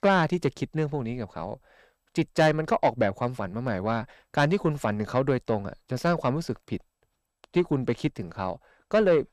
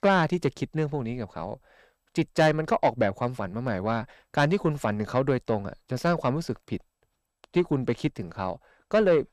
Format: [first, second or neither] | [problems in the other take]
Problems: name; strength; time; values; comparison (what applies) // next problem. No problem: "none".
neither | distortion; slight; 10 dB below the speech; the same in both